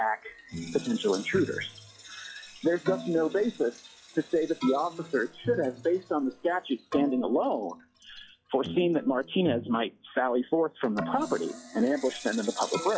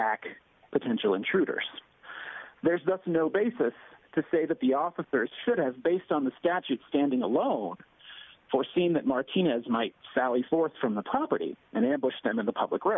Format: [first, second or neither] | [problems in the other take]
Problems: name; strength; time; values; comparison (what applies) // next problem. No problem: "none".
second | noise reduction (classical method log-MMSE)